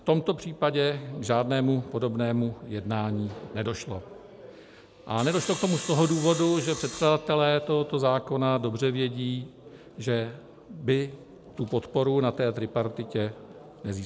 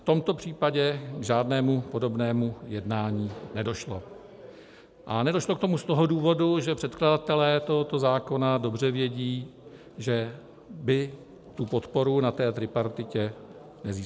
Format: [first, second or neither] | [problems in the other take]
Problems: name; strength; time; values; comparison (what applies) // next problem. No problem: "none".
second | background sound (Sawing); 12 dB below the speech